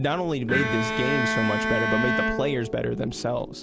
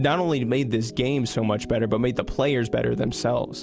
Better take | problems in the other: second | background sound (Bowed string instrument); 1 dB below the speech

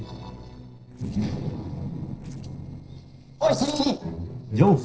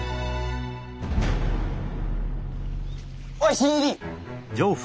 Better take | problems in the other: second | noise reduction (neural separator model SepFormer DNS4)

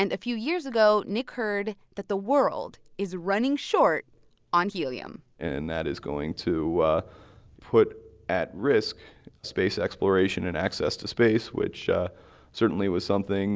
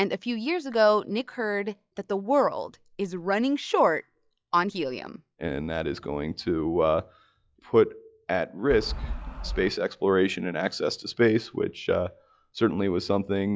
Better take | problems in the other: first | noise reduction (classical method log-MMSE)

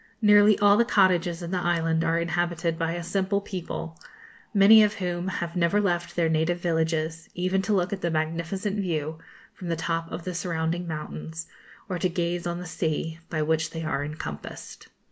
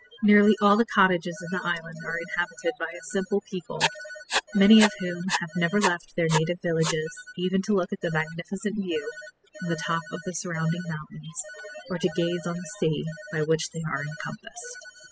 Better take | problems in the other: first | noise reduction (classical method spectral subtraction)

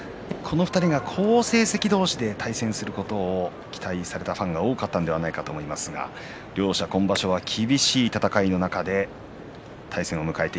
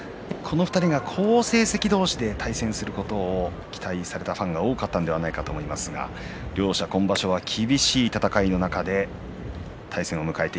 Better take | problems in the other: first | background sound (Animal); 14 dB below the speech

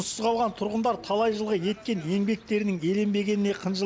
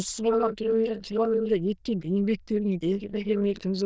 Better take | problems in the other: first | noise reduction (neural diffusion model UNIVERSE++)

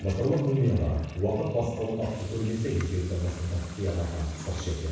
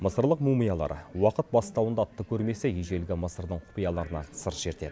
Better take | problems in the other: second | background sound (Toilet flush / Water tap, faucet); 19 dB below the speech // room echo; dies away in 1.1 s

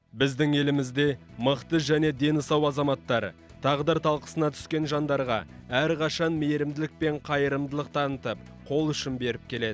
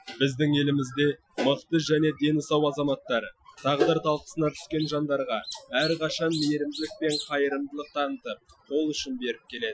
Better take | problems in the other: first | noise reduction (classical method Wiener filter)

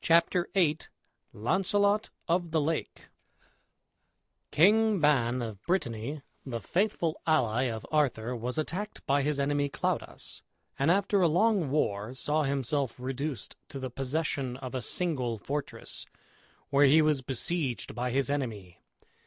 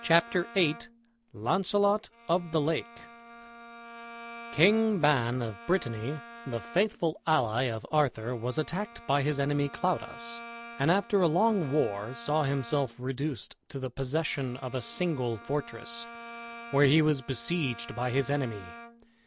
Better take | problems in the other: first | background sound (Bowed string instrument); 18 dB below the speech

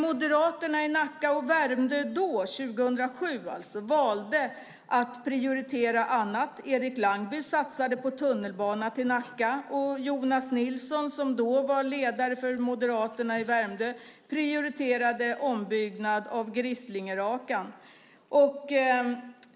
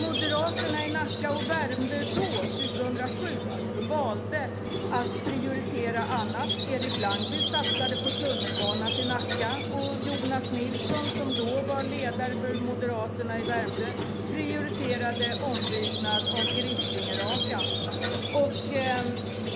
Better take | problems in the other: first | background sound (Squeak); 2 dB above the speech

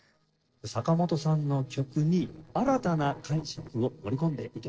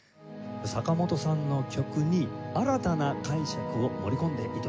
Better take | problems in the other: second | noise reduction (neural separator model SepFormer DNS4)

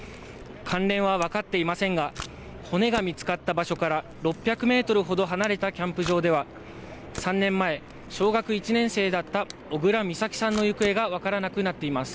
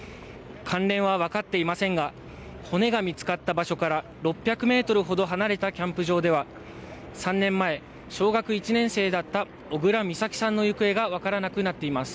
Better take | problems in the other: second | background sound (Camera); 19 dB below the speech

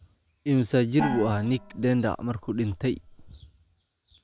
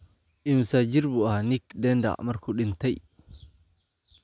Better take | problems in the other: second | background sound (Gong); 9 dB below the speech

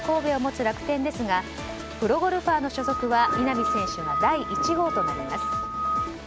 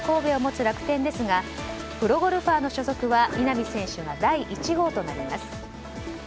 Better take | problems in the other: second | background sound (Screech / Glass); 2 dB below the speech

